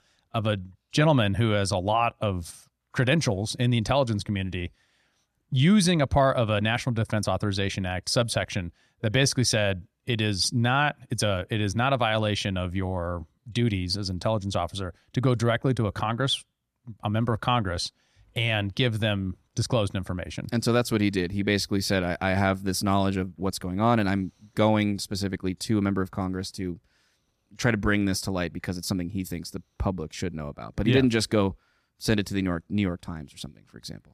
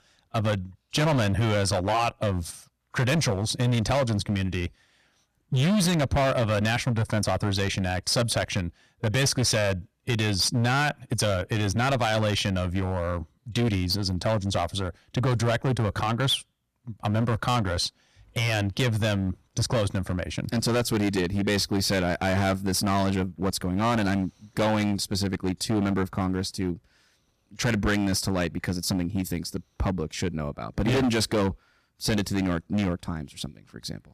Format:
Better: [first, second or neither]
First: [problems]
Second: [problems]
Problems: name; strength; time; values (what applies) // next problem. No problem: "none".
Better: first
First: none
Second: distortion; heavy; 14% of the sound clipped